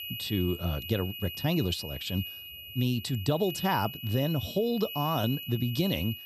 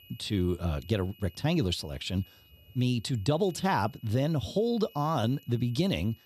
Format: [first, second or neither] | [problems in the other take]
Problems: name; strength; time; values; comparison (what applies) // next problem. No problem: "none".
second | high-pitched whine; loud; throughout; 3 kHz, 8 dB below the speech; faint in the second